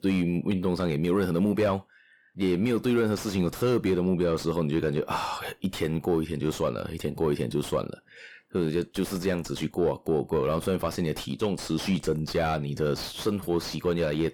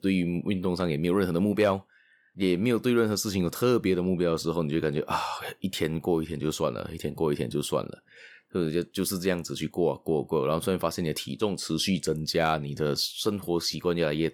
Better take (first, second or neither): second